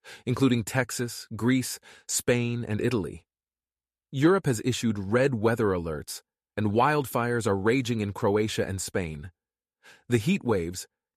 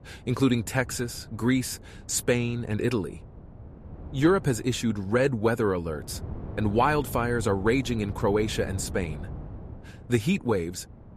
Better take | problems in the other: first | wind noise on the microphone; occasional gusts; 20 dB below the speech

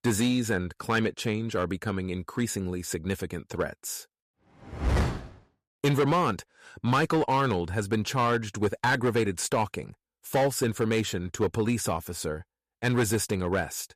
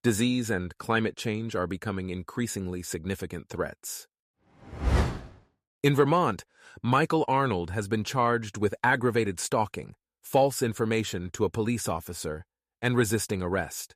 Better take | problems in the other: second | distortion; slight; 6% of the sound clipped

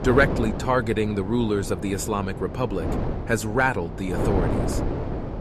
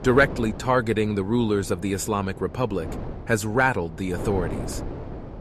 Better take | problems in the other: second | wind noise on the microphone; heavy; 8 dB below the speech; occasional gusts in the second

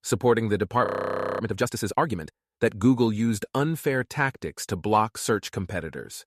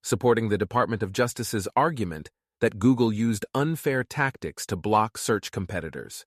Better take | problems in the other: second | audio freezing; at 1 s for 0.5 s

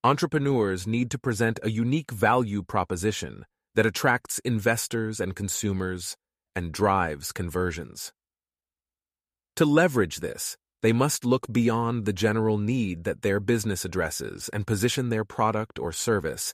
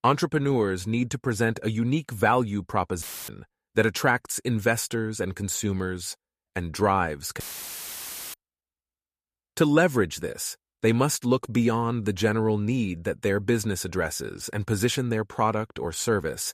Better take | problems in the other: first | audio cutting out; filled with static; at 3 s and at 7.5 s for 1 s

